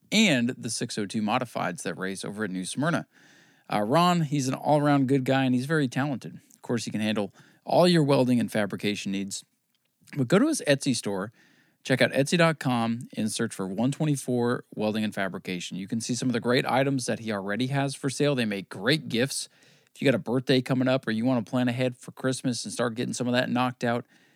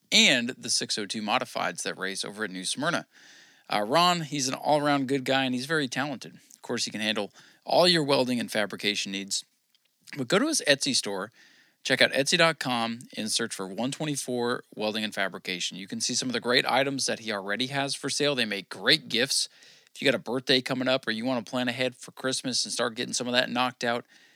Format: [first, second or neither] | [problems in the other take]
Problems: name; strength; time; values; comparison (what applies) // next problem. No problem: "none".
first | thin; very slightly; fading below 850 Hz